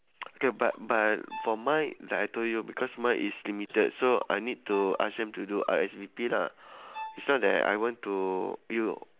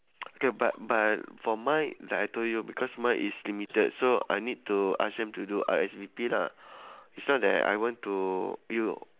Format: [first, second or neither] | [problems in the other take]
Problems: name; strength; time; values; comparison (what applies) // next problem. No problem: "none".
second | background sound (Bowed string instrument); 17 dB below the speech